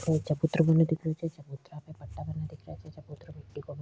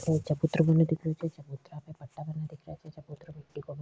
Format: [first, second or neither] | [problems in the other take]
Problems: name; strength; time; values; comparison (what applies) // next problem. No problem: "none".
first | noise reduction (neural mask model Resemble Enhance denoiser)